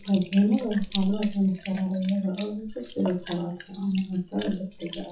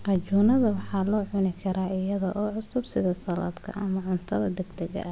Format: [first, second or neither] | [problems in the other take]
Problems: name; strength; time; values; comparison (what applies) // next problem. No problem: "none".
second | noise reduction (classical method WPE with log-MMSE)